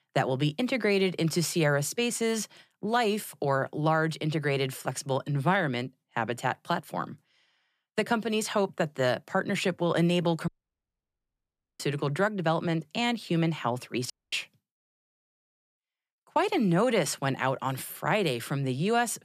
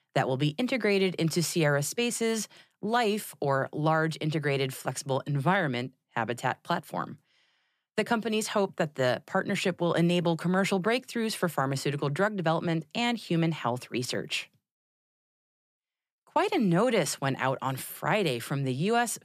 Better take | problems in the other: second | audio cutting out; at 10 s for 1.5 s and at 14 s

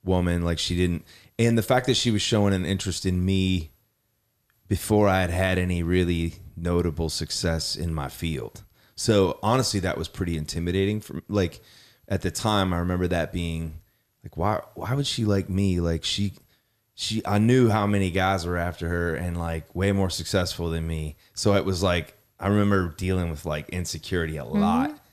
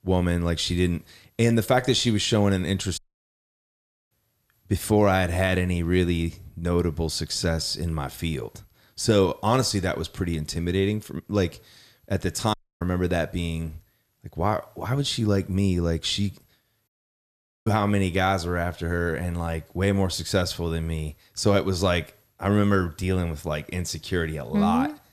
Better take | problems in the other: first | audio cutting out; at 3 s for 1 s, at 13 s and at 17 s for 1 s

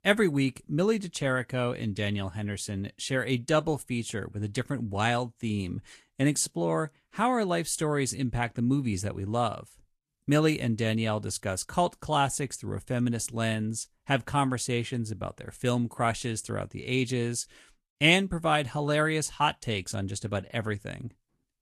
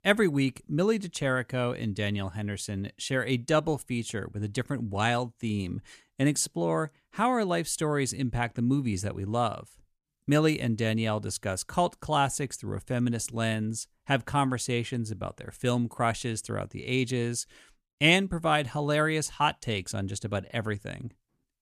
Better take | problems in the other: second | garbled, watery; slightly

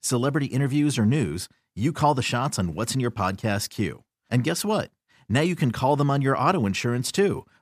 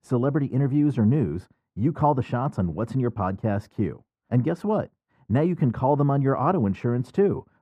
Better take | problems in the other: first | muffled; very; fading above 2 kHz

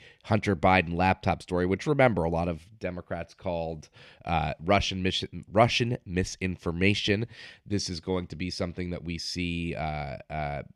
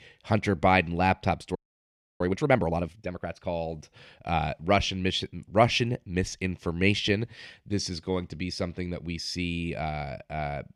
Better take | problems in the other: first | audio freezing; at 1.5 s for 0.5 s

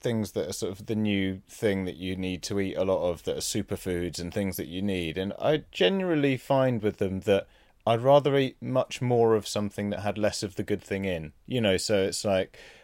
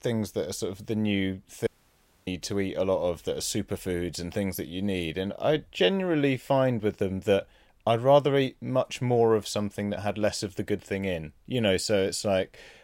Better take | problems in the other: first | audio cutting out; at 1.5 s for 0.5 s

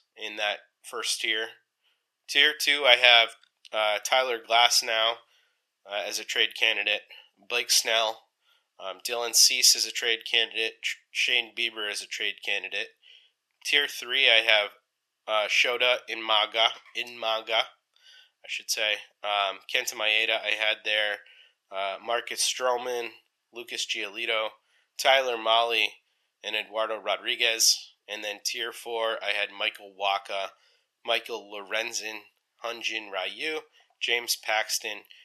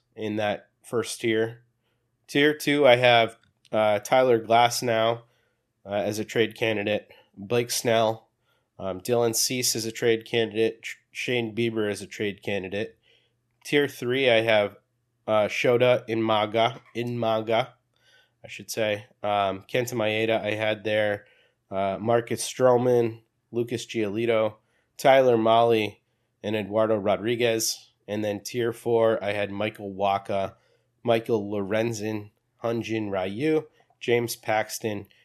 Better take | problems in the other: second | thin; very; fading below 900 Hz

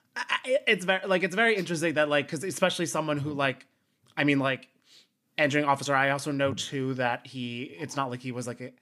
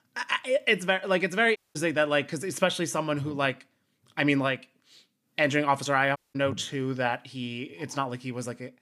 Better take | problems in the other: first | audio cutting out; at 1.5 s and at 6 s

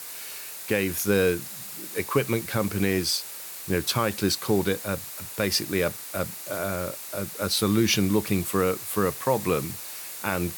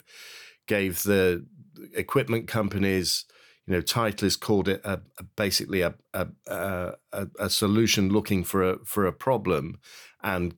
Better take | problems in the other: second | hiss; loud; throughout; 9 dB below the speech

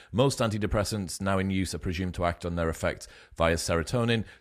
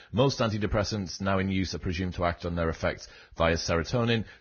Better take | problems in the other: first | garbled, watery; badly; nothing above 6.5 kHz

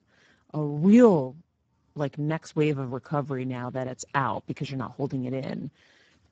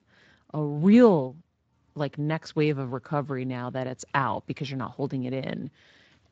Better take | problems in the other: second | garbled, watery; badly; nothing above 7.5 kHz; slightly in the second

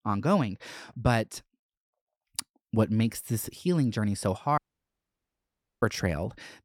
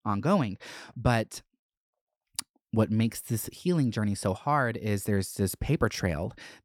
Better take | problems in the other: second | audio cutting out; at 4.5 s for 1 s

